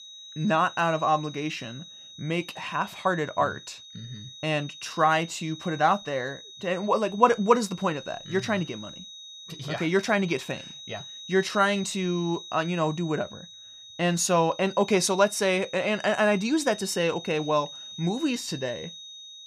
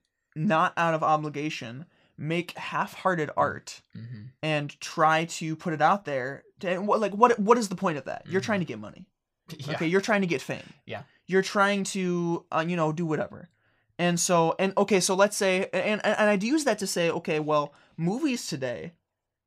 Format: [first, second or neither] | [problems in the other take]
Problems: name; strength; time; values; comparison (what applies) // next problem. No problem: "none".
second | high-pitched whine; noticeable; throughout; 4 kHz, 15 dB below the speech